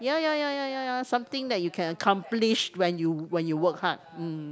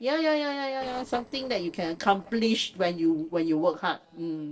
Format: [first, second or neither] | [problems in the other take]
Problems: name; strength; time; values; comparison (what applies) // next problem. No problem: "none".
first | noise reduction (neural separator model SepFormer DNS4)